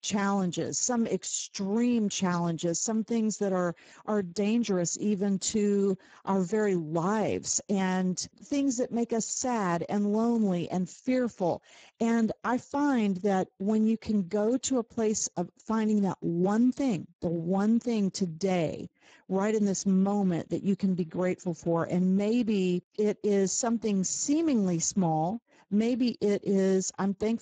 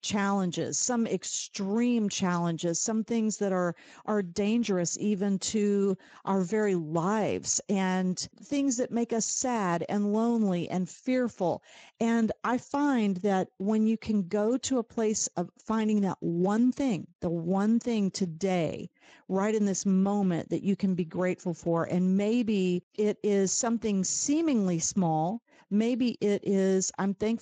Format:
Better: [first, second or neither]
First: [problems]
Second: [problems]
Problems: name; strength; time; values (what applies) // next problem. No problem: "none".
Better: second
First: garbled, watery; badly; nothing above 7.5 kHz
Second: garbled, watery; slightly; nothing above 7.5 kHz